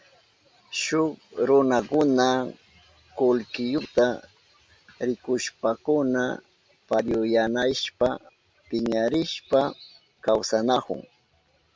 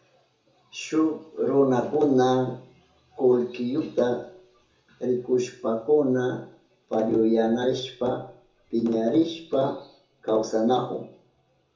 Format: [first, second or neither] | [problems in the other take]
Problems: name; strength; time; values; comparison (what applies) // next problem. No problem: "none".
first | room echo; dies away in 0.6 s